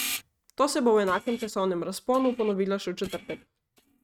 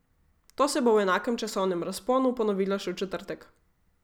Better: second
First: noise reduction (neural mask model RNNoise)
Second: none

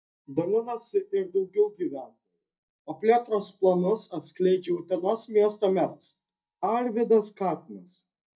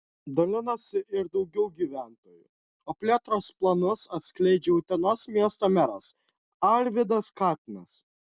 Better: second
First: noise reduction (neural mask model DeepFilterNet 3)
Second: none

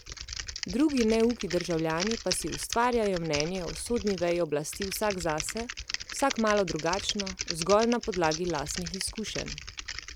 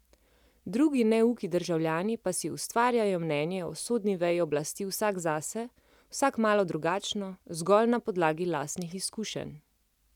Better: second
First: background sound (Typing); 9 dB below the speech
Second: none

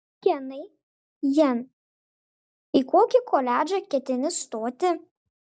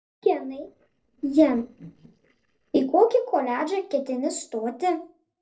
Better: first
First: none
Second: noise reduction (neural separator model SepFormer DNS4)

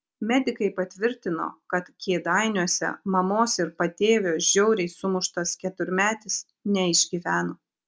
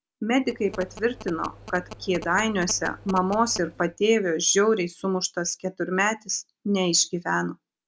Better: first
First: none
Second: background sound (Telephone); 16 dB below the speech

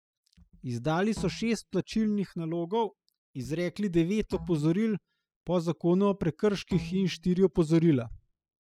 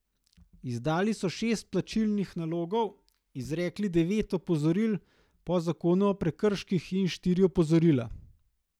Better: second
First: noise reduction (classical method spectral subtraction)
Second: none

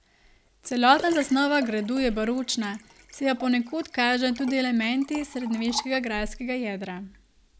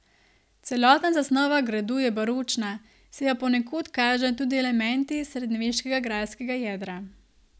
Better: second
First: background sound (Liquid); 17 dB below the speech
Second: none

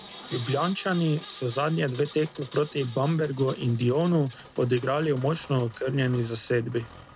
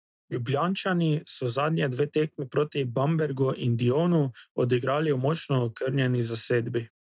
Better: second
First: background sound (Engine); 19 dB below the speech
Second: none

